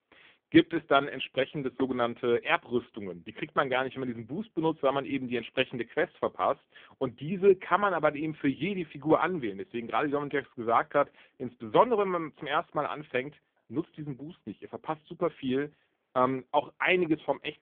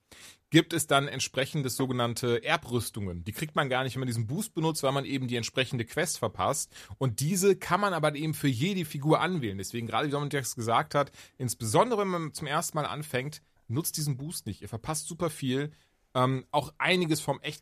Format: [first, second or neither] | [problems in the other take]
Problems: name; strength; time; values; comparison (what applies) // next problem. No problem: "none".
second | phone-call audio; poor line; nothing above 3.5 kHz